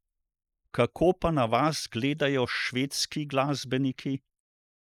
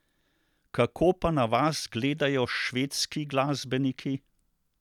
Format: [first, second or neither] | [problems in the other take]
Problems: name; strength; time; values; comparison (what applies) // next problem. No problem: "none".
second | noise reduction (neural mask model Resemble Enhance denoiser)